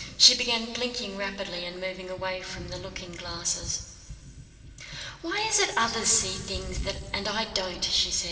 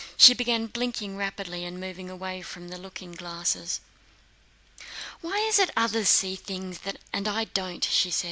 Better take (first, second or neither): second